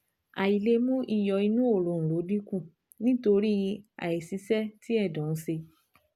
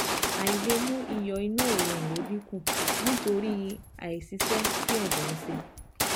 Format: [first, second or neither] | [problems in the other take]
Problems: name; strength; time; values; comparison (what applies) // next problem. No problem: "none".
first | background sound (Gunshot, gunfire); 1 dB above the speech